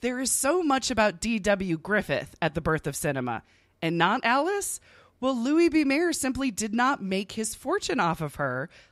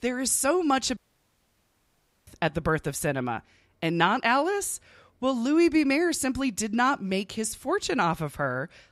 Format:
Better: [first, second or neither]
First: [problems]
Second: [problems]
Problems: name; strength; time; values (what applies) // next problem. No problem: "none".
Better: first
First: none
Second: audio cutting out; at 1 s for 1.5 s